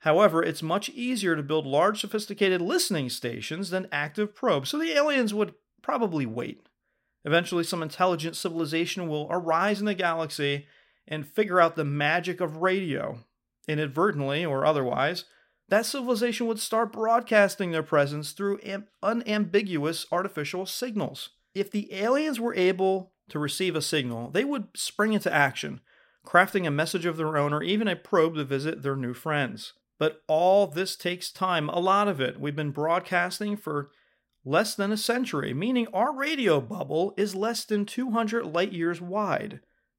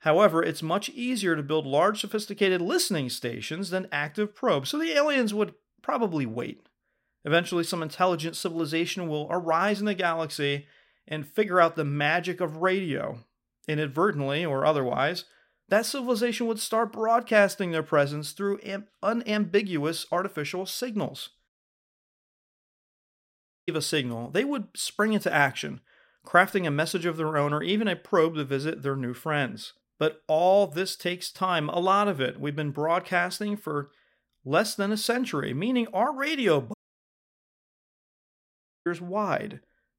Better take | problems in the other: first | audio cutting out; at 21 s for 2 s and at 37 s for 2 s

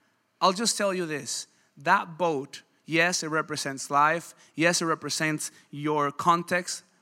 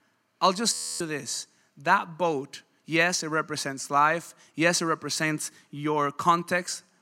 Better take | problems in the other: first | audio freezing; at 0.5 s

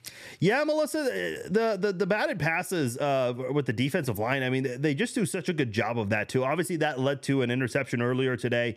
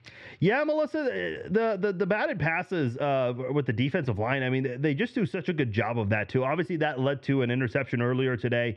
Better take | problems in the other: first | muffled; slightly; fading above 3.5 kHz

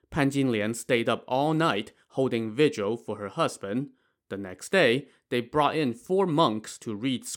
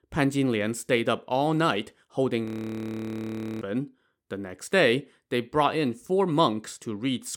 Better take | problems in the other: first | audio freezing; at 2.5 s for 1 s

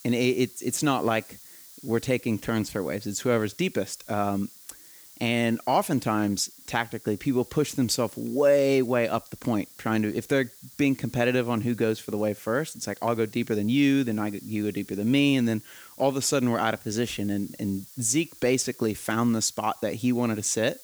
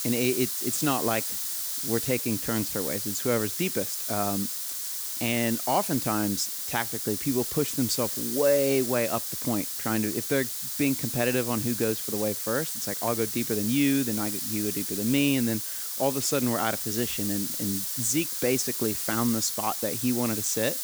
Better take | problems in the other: first | hiss; loud; throughout; 1 dB below the speech; faint in the first

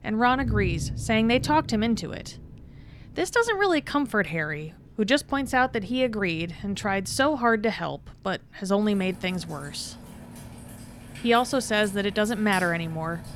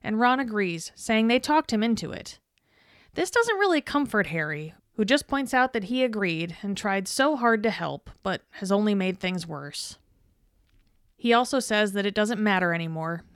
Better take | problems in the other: second | rain or running water; noticeable; throughout; 15 dB below the speech

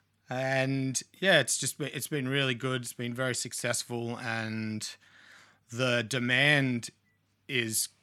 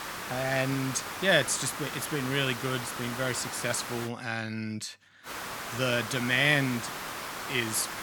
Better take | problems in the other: first | hiss; loud; until 4 s and from 5.5 s on; 7 dB below the speech

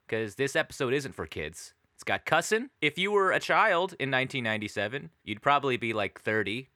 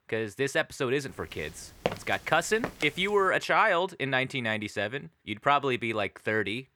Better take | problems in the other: first | footsteps; noticeable; at 2 s; peak 6 dB below the speech

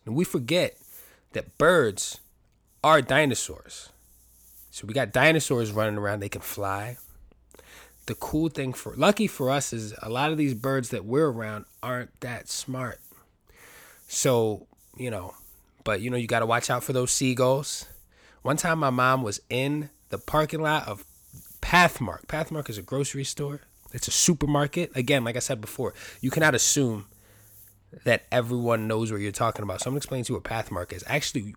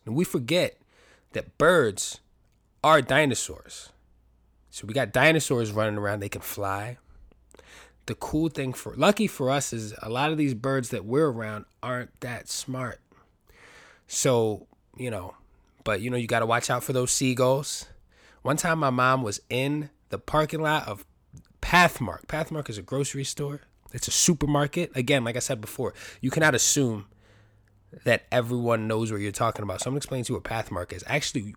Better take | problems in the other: second | hiss; faint; throughout; 25 dB below the speech

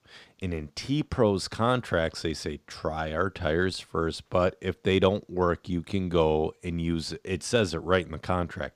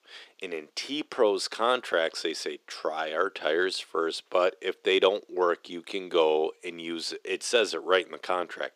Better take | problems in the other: first | thin; somewhat; fading below 350 Hz

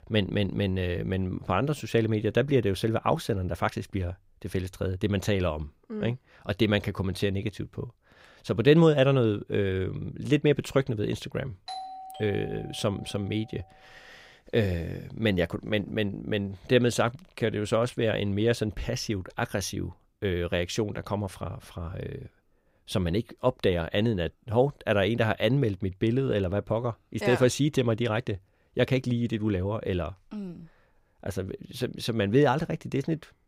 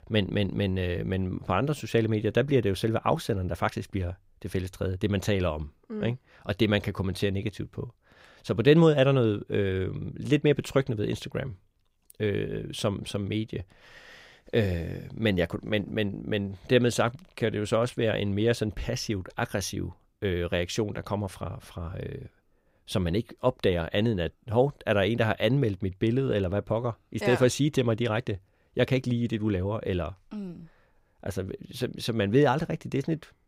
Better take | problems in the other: second | doorbell; faint; from 12 to 13 s; peak 10 dB below the speech

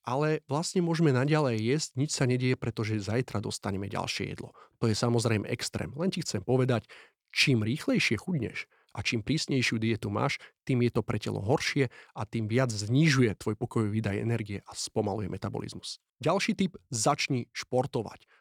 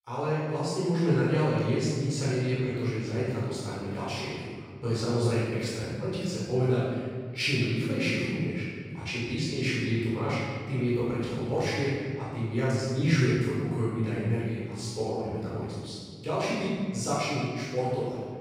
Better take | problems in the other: first | off-mic speech; far // room echo; strong; dies away in 1.7 s

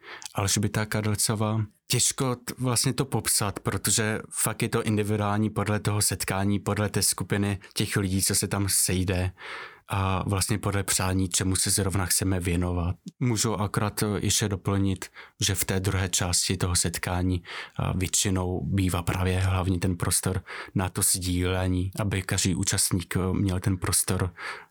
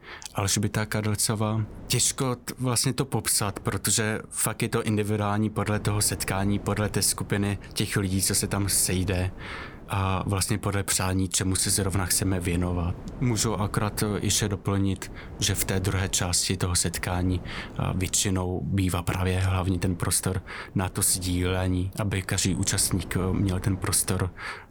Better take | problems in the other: first | wind noise on the microphone; occasional gusts; 20 dB below the speech

